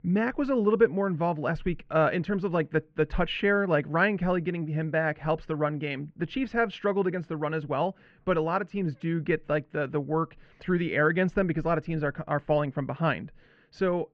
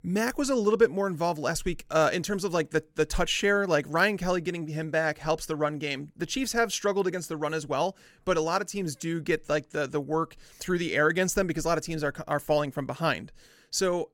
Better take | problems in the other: second | muffled; very; fading above 3 kHz

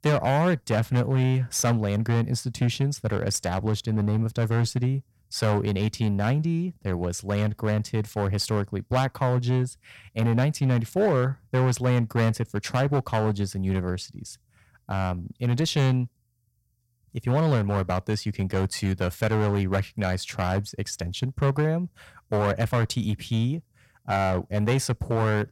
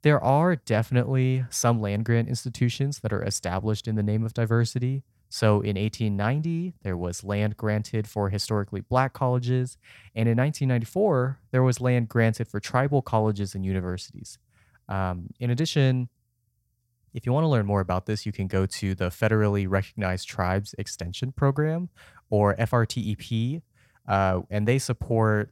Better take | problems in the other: second | distortion; slight; 10% of the sound clipped

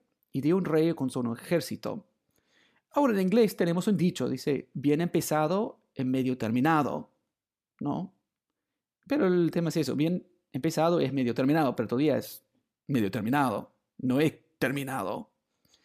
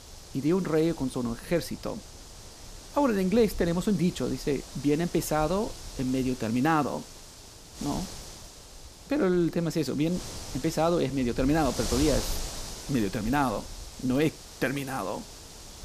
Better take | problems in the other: first | wind noise on the microphone; occasional gusts; 10 dB below the speech

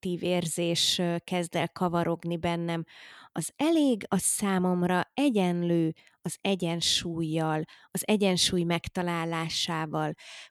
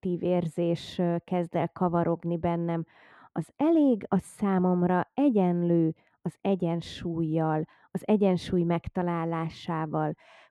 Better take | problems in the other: first | muffled; very; fading above 2.5 kHz

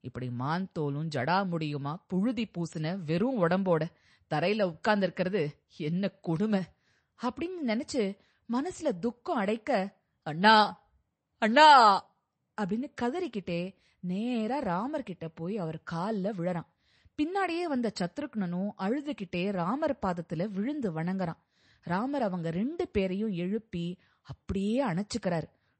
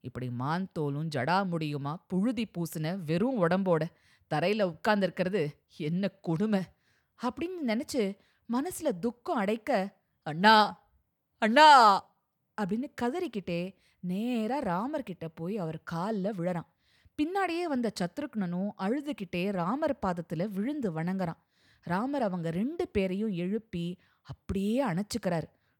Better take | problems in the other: second | garbled, watery; slightly; nothing above 8 kHz

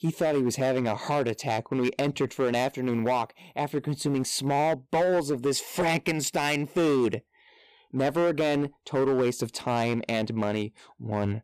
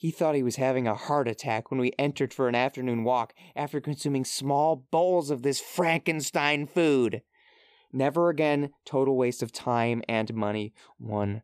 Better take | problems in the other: second | distortion; slight; 10% of the sound clipped

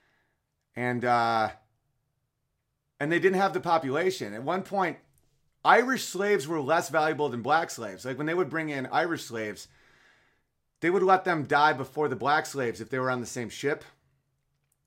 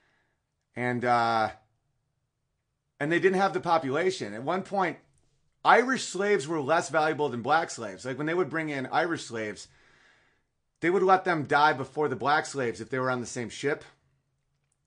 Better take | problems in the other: first | garbled, watery; slightly; nothing above 9 kHz

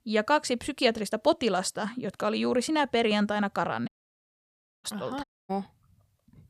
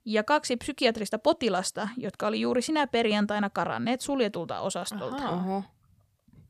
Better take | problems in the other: second | audio cutting out; at 4 s for 1 s and at 5 s

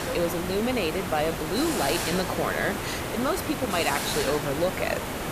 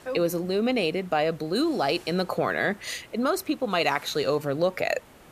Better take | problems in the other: second | hiss; loud; throughout; 2 dB below the speech; faint in the second

